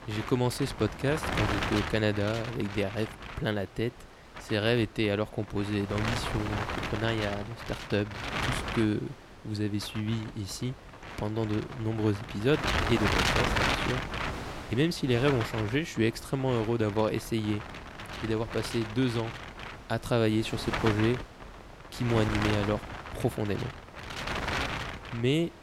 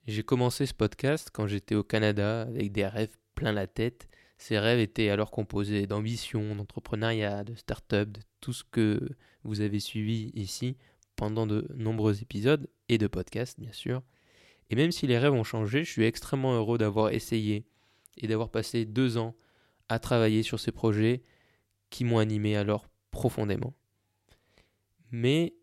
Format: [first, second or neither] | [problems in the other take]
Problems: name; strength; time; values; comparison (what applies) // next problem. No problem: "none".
second | wind noise on the microphone; heavy; 1 dB below the speech